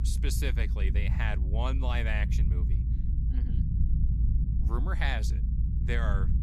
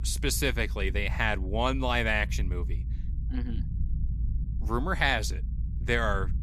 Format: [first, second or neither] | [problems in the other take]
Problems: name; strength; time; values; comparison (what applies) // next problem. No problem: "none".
second | low rumble; loud; throughout; 10 dB below the speech; faint in the second